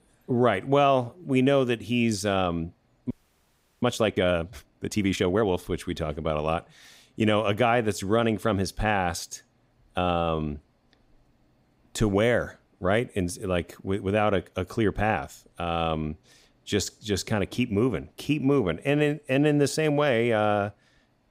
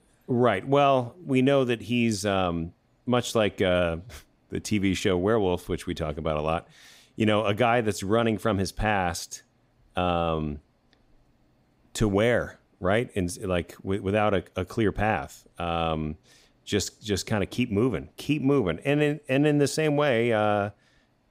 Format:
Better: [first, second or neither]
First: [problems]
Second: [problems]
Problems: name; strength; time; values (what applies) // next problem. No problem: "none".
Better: second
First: audio freezing; at 3 s for 0.5 s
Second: none